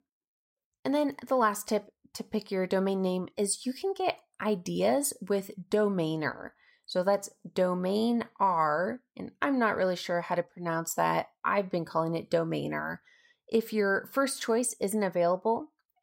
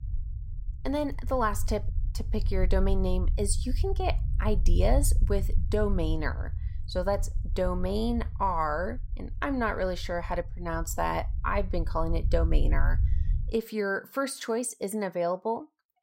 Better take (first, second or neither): first